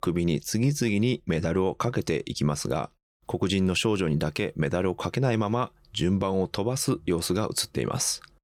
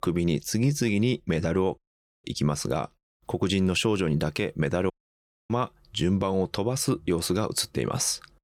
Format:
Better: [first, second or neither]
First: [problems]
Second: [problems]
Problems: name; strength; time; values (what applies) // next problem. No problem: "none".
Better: first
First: none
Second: audio cutting out; at 2 s and at 5 s for 0.5 s